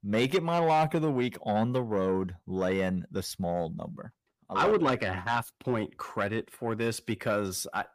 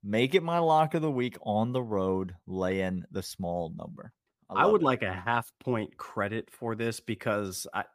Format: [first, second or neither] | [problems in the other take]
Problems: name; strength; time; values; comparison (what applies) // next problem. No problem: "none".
second | distortion; slight; 10 dB below the speech